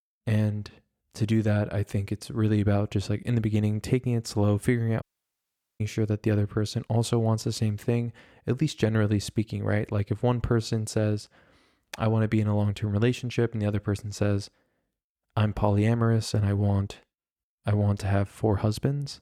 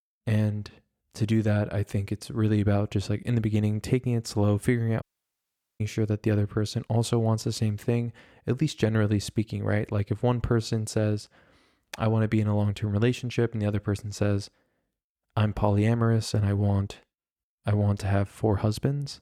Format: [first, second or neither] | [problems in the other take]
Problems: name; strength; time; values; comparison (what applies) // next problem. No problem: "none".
neither | audio cutting out; at 5 s for 1 s; the same in both